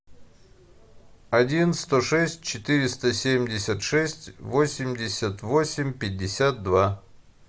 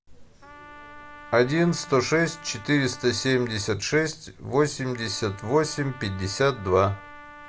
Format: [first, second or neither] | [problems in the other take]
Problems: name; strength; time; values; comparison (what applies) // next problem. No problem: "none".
first | background sound (Trumpet); 20 dB below the speech